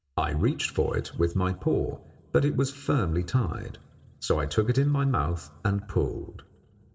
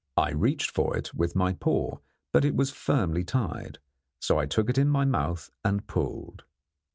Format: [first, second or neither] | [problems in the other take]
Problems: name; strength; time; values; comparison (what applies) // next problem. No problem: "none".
second | room echo; dies away in 1.5 s